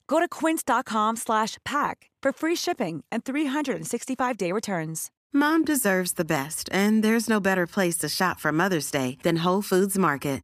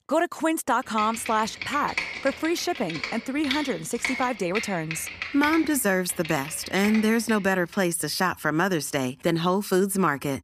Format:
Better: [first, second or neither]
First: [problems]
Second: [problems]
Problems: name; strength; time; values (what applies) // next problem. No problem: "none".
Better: first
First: none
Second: keyboard typing; noticeable; from 1 to 7.5 s; peak 4 dB below the speech